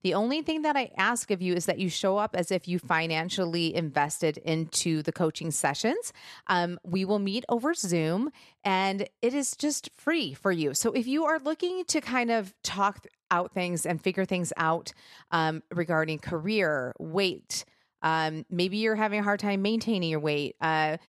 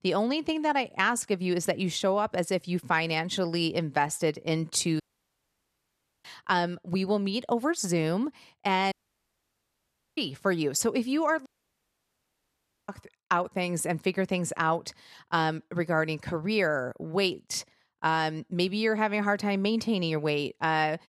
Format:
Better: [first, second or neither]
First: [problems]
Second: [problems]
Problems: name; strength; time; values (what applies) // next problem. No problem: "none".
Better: first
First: none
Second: audio cutting out; at 5 s for 1 s, at 9 s for 1.5 s and at 11 s for 1.5 s